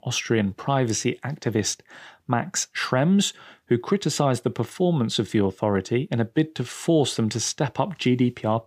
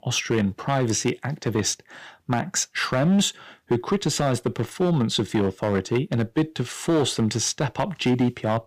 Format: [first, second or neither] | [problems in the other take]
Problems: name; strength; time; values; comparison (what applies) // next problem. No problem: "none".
first | distortion; slight; 6% of the sound clipped